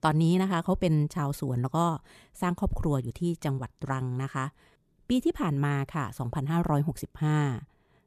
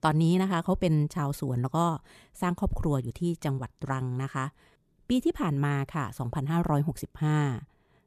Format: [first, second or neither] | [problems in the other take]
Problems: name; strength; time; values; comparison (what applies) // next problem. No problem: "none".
neither | none